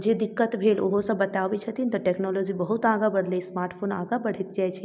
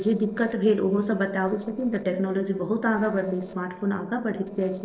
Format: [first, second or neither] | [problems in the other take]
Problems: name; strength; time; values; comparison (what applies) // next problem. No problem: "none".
first | noise reduction (neural separator model SepFormer DNS4)